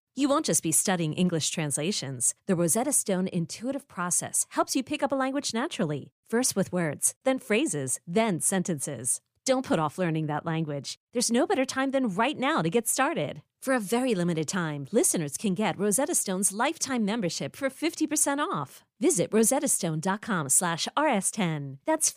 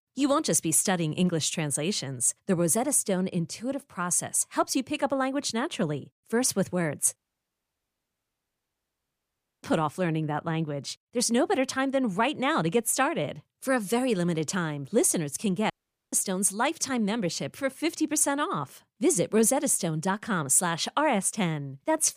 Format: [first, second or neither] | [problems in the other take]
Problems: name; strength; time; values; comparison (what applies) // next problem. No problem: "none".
first | audio cutting out; at 7 s for 2.5 s and at 16 s